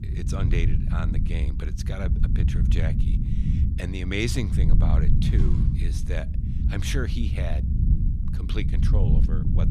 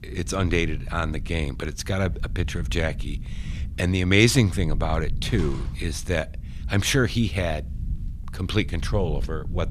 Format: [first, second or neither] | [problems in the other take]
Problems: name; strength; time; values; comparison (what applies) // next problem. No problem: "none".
second | low rumble; loud; throughout; 3 dB below the speech; faint in the second